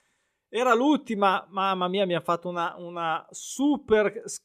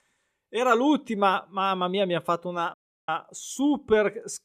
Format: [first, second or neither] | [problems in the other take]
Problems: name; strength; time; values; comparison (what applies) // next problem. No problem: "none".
first | audio cutting out; at 2.5 s